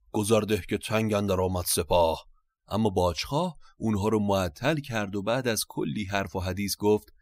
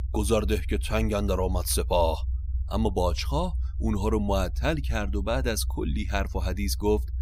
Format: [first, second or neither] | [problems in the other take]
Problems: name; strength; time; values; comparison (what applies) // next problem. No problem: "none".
first | low rumble; faint; throughout; 25 dB below the speech